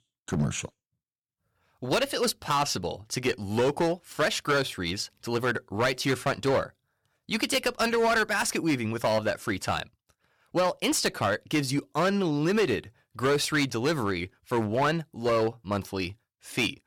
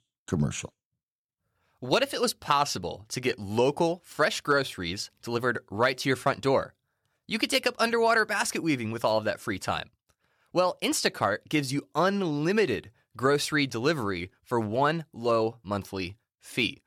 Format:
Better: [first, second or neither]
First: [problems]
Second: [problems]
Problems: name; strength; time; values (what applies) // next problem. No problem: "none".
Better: second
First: distortion; slight; 7% of the sound clipped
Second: none